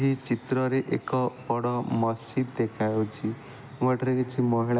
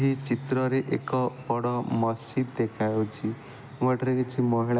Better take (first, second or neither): first